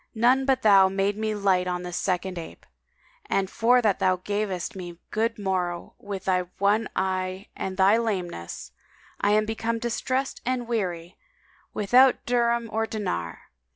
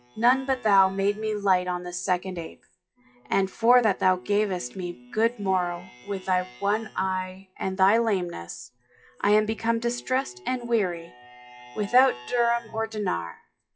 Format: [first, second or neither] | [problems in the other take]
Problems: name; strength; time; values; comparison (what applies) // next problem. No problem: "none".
first | noise reduction (classical method WPE with log-MMSE)